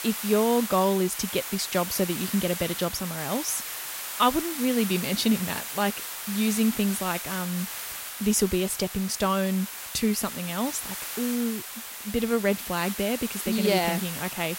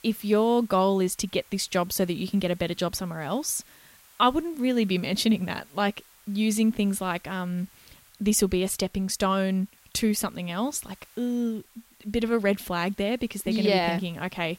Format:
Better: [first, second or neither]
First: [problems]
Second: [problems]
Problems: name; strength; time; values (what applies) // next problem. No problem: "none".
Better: second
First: hiss; loud; throughout; 6 dB below the speech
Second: hiss; faint; throughout; 25 dB below the speech